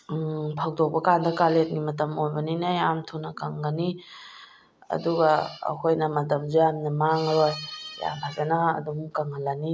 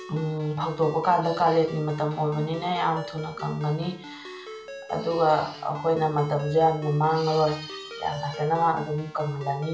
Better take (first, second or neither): first